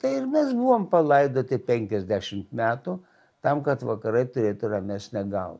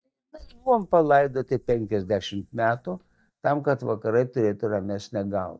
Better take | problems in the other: first | noise reduction (neural mask model DeepFilterNet 3)

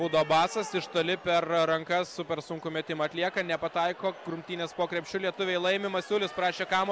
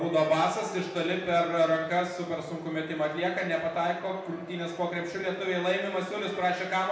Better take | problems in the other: first | room echo; dies away in 0.8 s

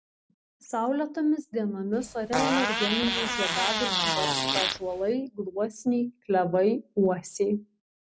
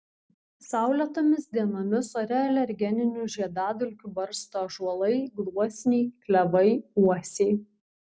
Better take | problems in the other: second | background sound (Fart); as loud as the speech

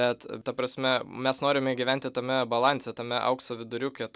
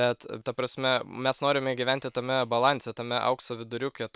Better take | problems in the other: first | noise reduction (neural separator model SepFormer WHAM!)

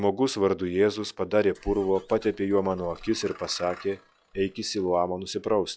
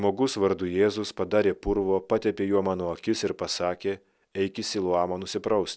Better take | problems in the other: second | noise reduction (classical method log-MMSE)

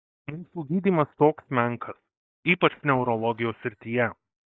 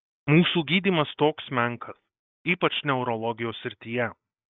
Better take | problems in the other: second | noise reduction (neural mask model DeepFilterNet 3)

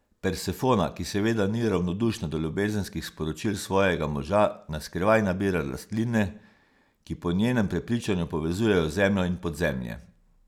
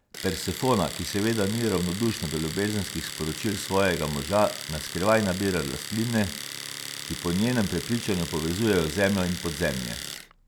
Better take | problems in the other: first | background sound (Domestic sounds, home sounds); 10 dB below the speech

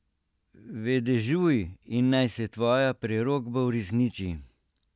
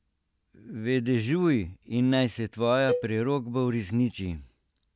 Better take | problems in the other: first | background sound (Cowbell); 8 dB below the speech

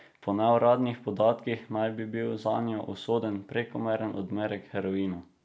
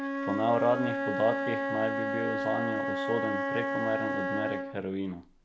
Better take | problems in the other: first | background sound (Wind instrument, woodwind instrument); as loud as the speech

